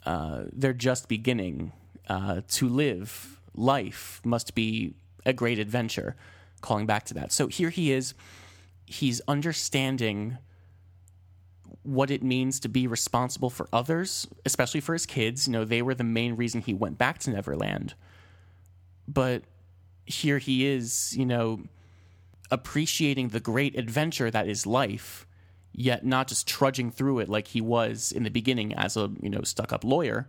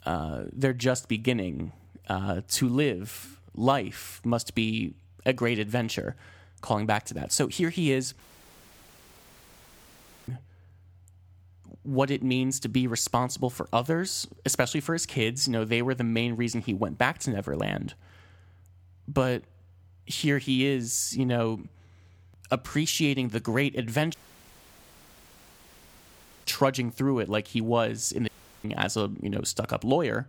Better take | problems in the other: first | audio cutting out; at 8 s for 2 s, at 24 s for 2.5 s and at 28 s

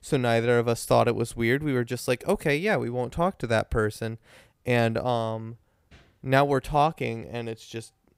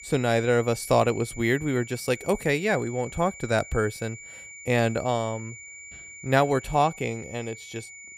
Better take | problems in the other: first | high-pitched whine; noticeable; throughout; 2.5 kHz, 15 dB below the speech

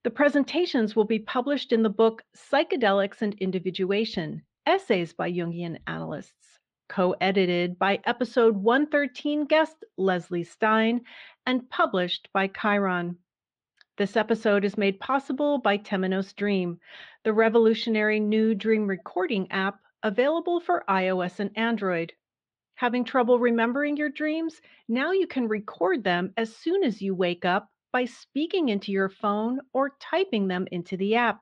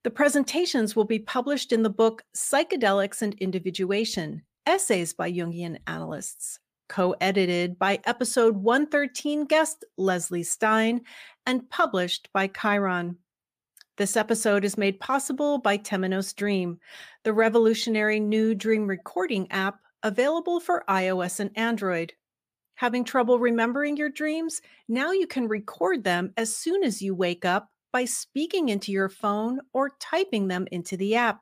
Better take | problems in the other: second | muffled; slightly; fading above 3.5 kHz

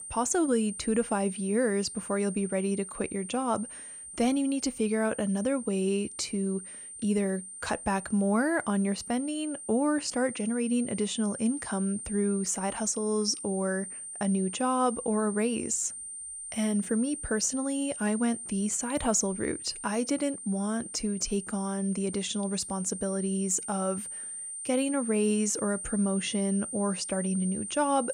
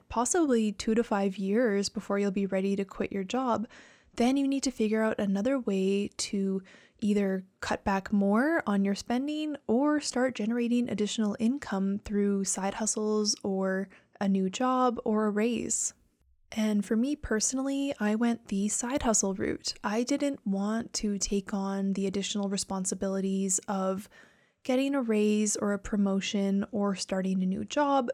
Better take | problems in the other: second | high-pitched whine; loud; throughout; 9 kHz, 8 dB below the speech

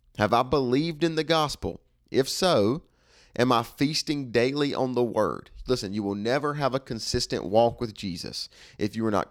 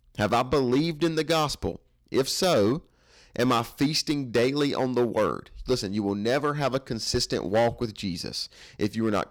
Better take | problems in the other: first | distortion; slight; 5% of the sound clipped

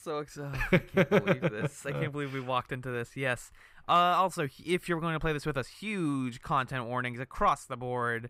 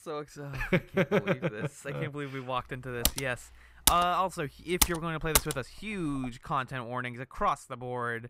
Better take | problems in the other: first | keyboard typing; loud; from 3 to 5.5 s; peak 6 dB above the speech

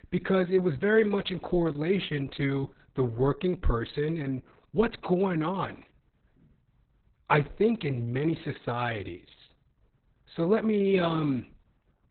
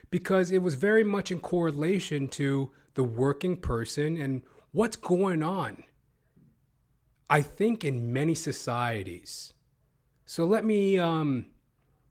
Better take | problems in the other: second | garbled, watery; badly; nothing above 4 kHz; slightly in the second

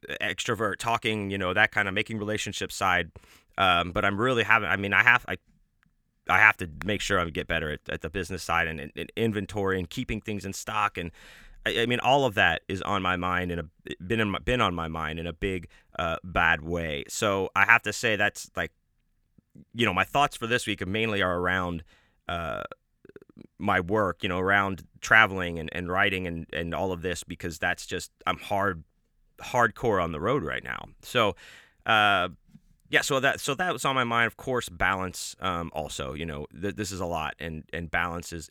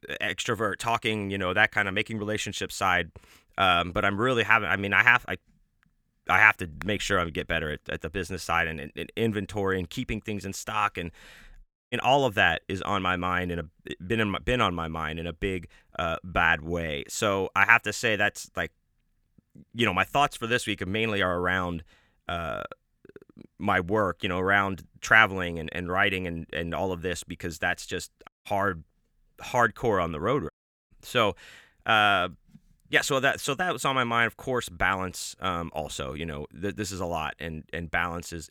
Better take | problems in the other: first | audio cutting out; at 12 s, at 28 s and at 31 s

